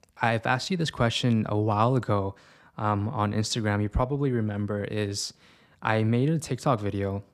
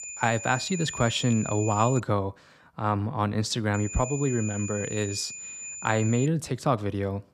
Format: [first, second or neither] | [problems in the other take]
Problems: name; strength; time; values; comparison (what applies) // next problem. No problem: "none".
first | high-pitched whine; loud; until 2 s and from 3.5 to 6.5 s; 7 kHz, 9 dB below the speech